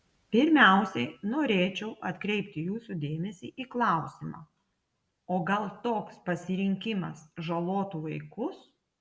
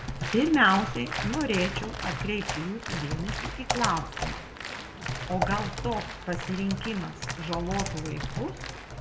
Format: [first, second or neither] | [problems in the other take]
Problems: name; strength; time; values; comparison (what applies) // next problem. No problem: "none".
first | background sound (Typing + Applause); 4 dB below the speech